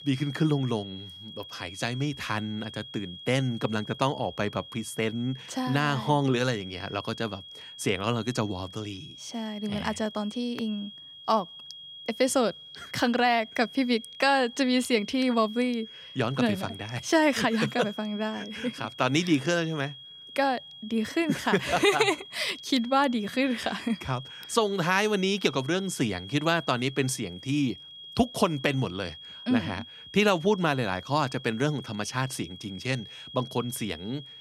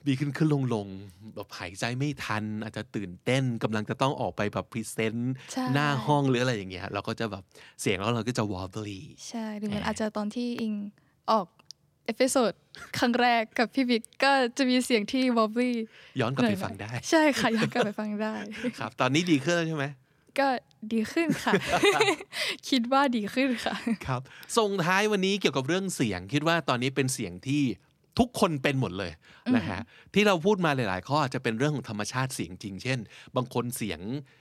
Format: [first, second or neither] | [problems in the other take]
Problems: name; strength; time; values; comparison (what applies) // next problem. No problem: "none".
second | high-pitched whine; noticeable; throughout; 3.5 kHz, 15 dB below the speech